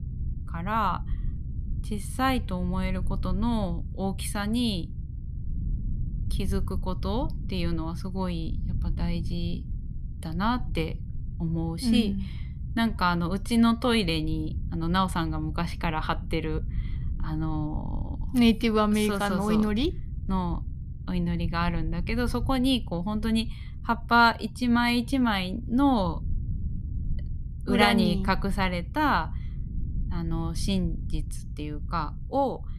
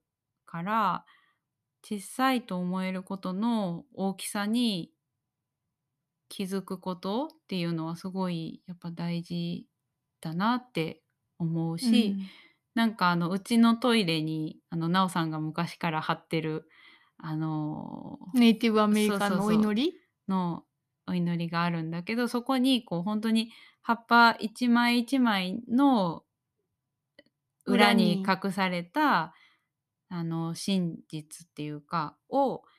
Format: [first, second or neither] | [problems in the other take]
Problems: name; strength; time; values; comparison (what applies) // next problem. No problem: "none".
second | low rumble; faint; throughout; 20 dB below the speech